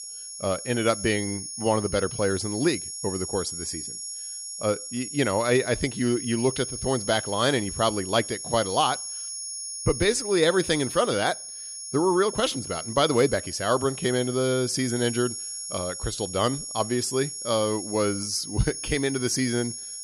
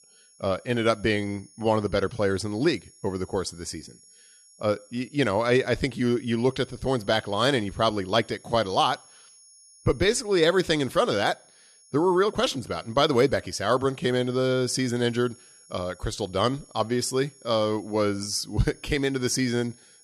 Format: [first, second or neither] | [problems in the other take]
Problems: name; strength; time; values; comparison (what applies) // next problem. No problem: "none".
second | high-pitched whine; loud; throughout; 10.5 kHz, 7 dB below the speech; faint in the second